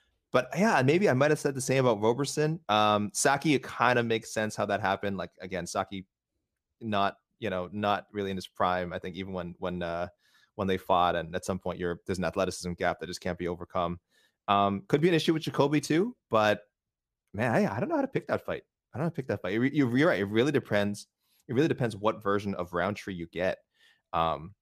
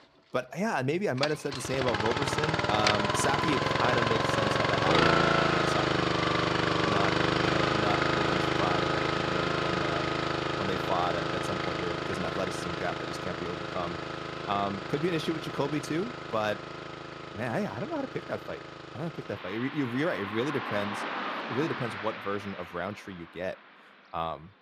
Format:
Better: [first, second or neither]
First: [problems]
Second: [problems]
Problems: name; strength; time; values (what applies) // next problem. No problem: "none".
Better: first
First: none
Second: traffic noise; very loud; throughout; 5 dB above the speech